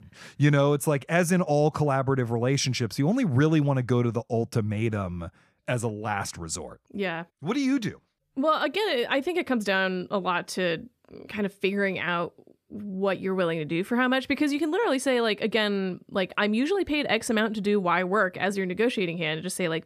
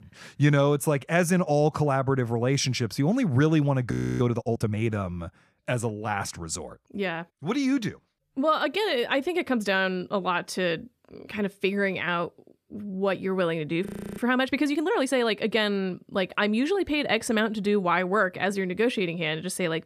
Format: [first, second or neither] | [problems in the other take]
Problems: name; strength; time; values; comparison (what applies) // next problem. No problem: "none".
first | audio freezing; at 4 s and at 14 s